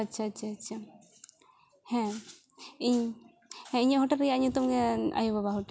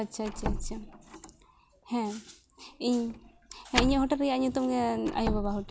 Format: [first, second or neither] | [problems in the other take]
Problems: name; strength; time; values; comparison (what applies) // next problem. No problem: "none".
first | background sound (Slam); 6 dB below the speech